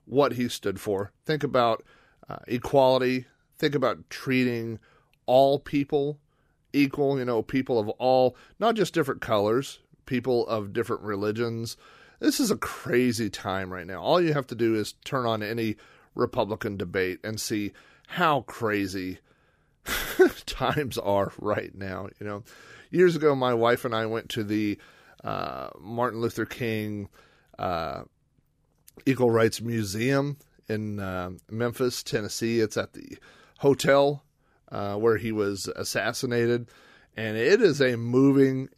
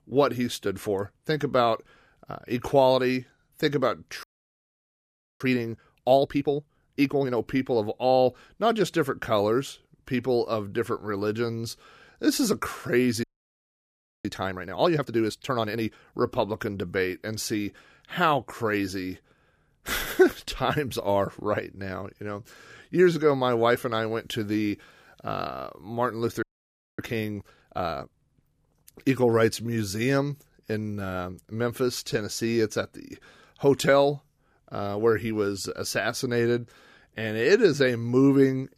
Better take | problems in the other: first | audio freezing; at 4 s for 1 s, at 13 s for 1 s and at 26 s for 0.5 s

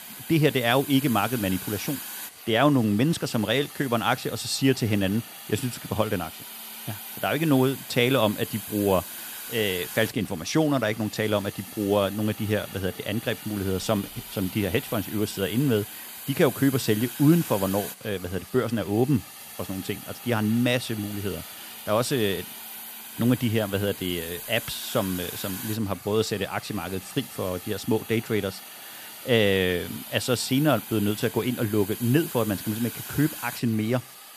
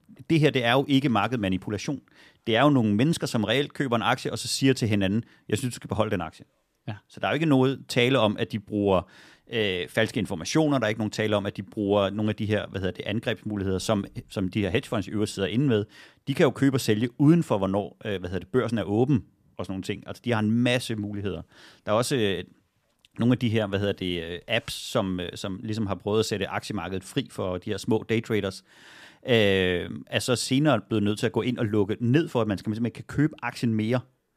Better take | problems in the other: second | hiss; noticeable; throughout; 10 dB below the speech

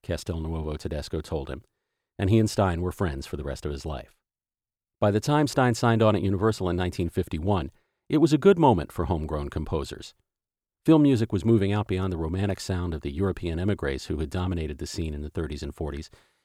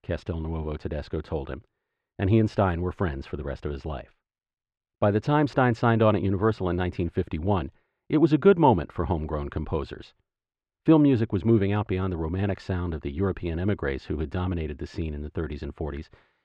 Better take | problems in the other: first | muffled; slightly; fading above 2.5 kHz

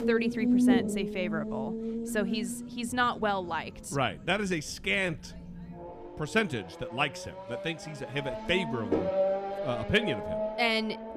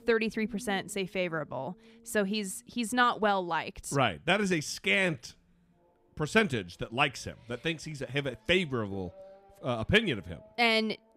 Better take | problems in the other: second | traffic noise; loud; throughout; 1 dB below the speech; faint in the second

